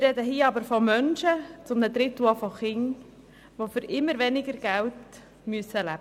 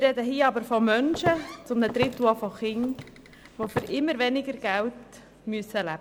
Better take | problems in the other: first | background sound (Walk, footsteps); 12 dB below the speech

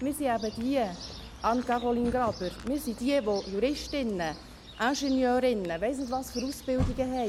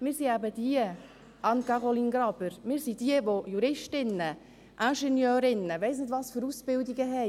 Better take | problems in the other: second | background sound (Chirp, tweet); 12 dB below the speech

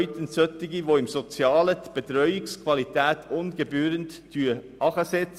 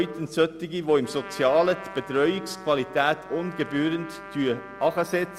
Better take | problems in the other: first | background sound (Trumpet); 16 dB below the speech

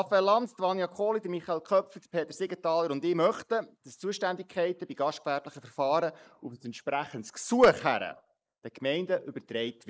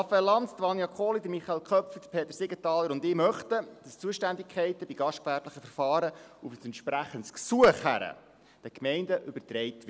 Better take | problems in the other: second | noise reduction (neural mask model Resemble Enhance denoiser)

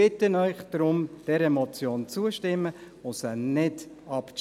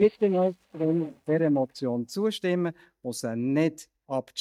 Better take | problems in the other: first | noise reduction (neural mask model DeepFilterNet 3)

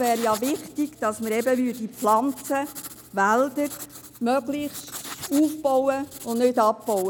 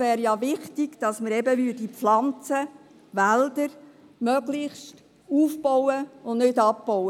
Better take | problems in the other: second | background sound (Writing); 16 dB below the speech

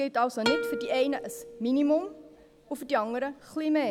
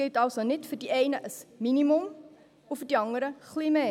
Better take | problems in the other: second | background sound (Plucked string instrument); 8 dB below the speech

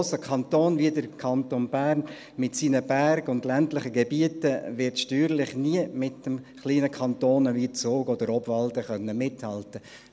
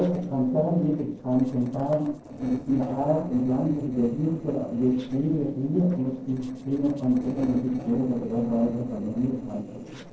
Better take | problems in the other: first | noise reduction (neural separator model SepFormer DNS4)

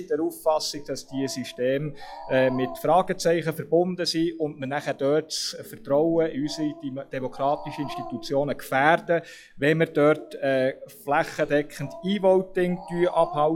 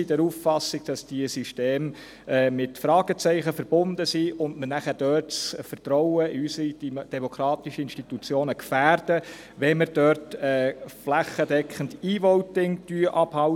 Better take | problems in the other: second | noise reduction (classical method log-MMSE)

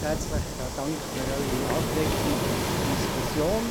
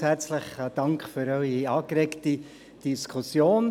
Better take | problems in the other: second | background sound (Waves, surf); 3 dB above the speech

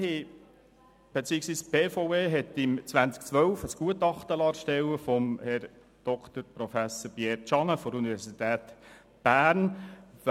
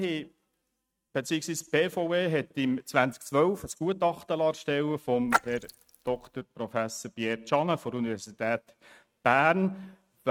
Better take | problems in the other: first | noise reduction (neural mask model RNNoise)

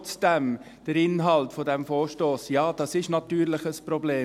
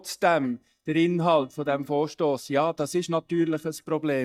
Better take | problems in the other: first | noise reduction (neural mask model DeepFilterNet 3)

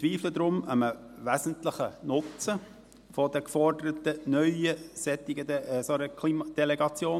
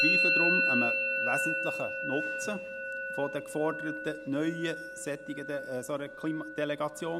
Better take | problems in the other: first | background sound (Musical instrument); 2 dB above the speech

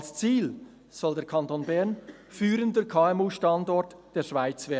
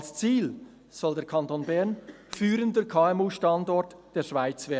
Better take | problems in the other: first | background sound (Shatter); 20 dB below the speech

